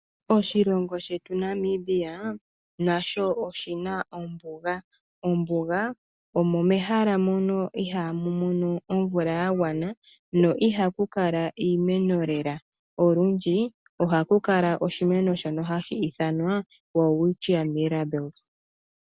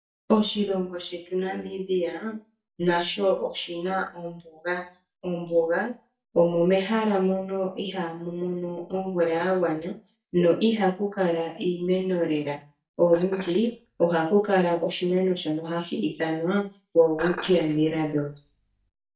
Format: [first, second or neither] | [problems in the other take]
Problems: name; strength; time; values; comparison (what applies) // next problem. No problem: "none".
first | noise reduction (neural mask model DeepFilterNet 3)